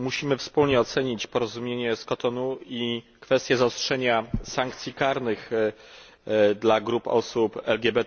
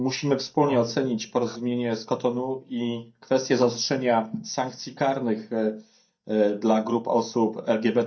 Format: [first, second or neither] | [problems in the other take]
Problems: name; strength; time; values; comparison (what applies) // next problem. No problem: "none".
first | noise reduction (neural mask model DeepFilterNet 3)